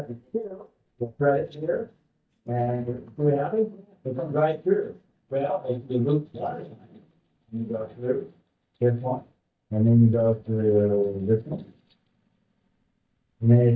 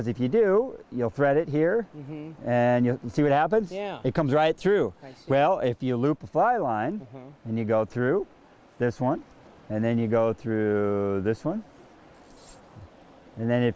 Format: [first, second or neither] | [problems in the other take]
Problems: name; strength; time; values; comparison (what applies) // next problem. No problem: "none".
second | noise reduction (neural mask model DeepFilterNet 3)